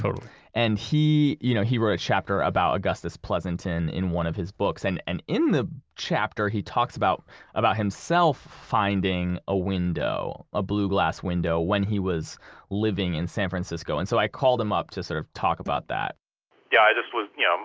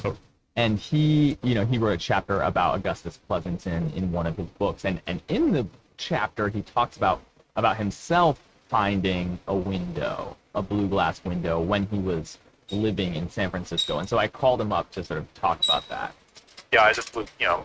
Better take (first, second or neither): first